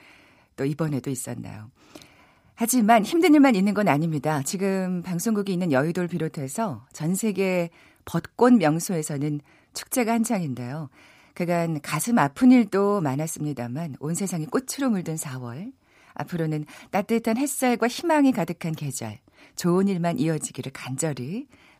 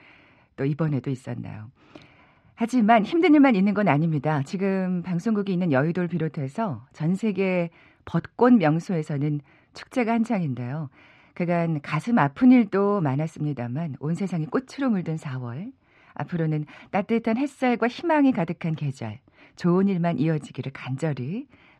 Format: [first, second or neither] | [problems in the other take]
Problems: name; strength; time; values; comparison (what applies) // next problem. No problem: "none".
first | muffled; slightly; fading above 2.5 kHz